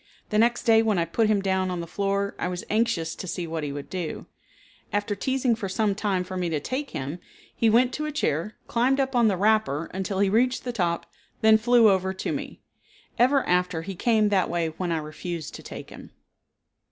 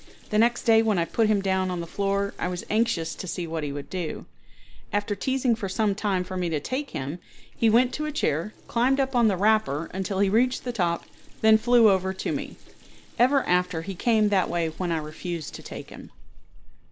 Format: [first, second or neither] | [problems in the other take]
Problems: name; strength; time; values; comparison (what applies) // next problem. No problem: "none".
first | background sound (Sink (filling or washing) / Water tap, faucet); 15 dB below the speech